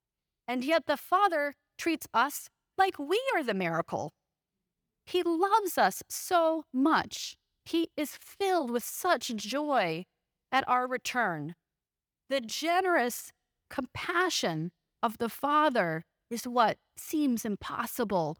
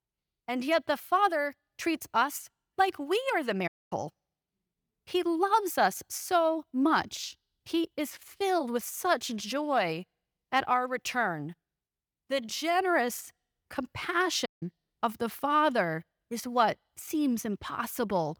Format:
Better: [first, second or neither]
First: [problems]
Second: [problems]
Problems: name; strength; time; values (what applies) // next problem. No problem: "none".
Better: first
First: none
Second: audio cutting out; at 3.5 s and at 14 s